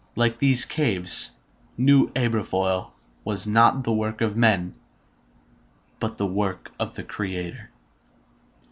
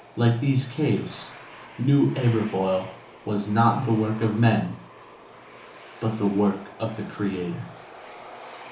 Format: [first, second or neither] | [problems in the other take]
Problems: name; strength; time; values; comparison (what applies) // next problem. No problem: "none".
first | background sound (Aircraft); 19 dB below the speech // room echo; dies away in 0.8 s